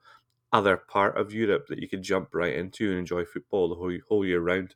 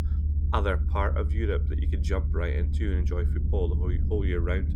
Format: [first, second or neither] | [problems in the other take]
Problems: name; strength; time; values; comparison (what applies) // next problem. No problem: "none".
first | low rumble; noticeable; throughout; 10 dB below the speech